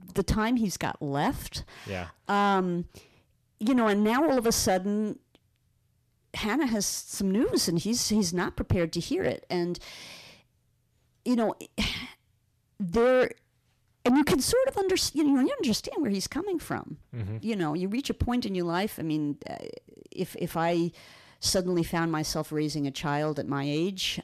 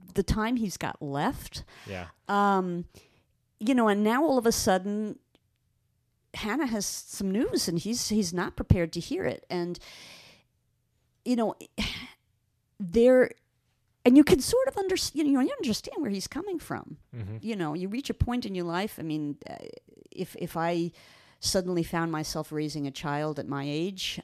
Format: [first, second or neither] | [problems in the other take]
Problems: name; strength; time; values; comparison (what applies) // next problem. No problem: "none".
second | distortion; heavy; 8 dB below the speech